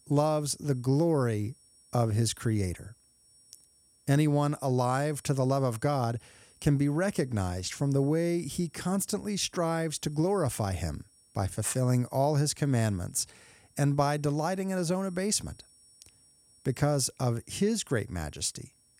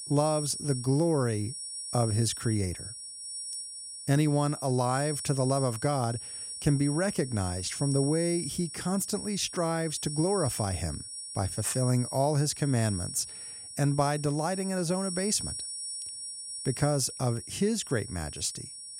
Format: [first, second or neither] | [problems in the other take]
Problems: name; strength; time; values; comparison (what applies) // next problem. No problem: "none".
first | high-pitched whine; loud; throughout; 9.5 kHz, 7 dB below the speech; faint in the first